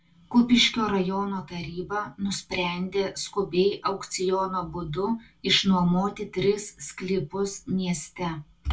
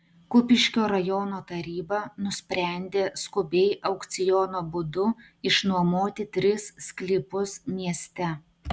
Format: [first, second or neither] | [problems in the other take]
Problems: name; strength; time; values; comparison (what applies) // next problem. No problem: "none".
second | room echo; dies away in 0.2 s